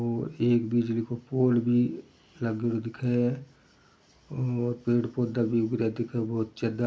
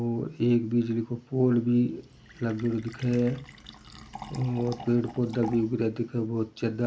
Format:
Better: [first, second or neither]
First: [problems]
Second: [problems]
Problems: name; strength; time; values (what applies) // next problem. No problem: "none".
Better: first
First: none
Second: background sound (Fill (with liquid)); 20 dB below the speech